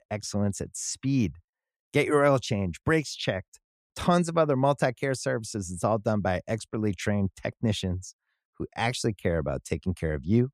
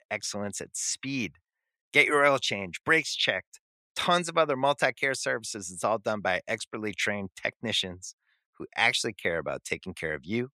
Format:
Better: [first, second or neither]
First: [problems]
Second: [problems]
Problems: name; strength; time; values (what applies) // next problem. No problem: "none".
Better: first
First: none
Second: thin; somewhat; fading below 650 Hz